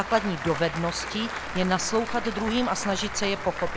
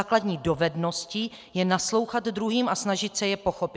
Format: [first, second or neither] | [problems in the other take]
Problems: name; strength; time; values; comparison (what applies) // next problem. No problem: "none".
second | background sound (Applause / Crowd); 6 dB below the speech